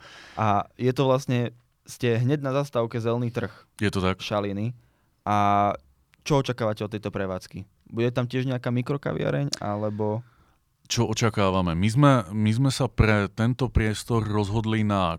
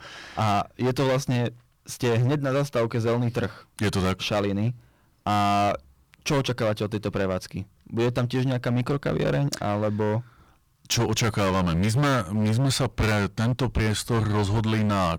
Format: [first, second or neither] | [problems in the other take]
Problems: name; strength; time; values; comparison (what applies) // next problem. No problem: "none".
first | distortion; heavy; 17% of the sound clipped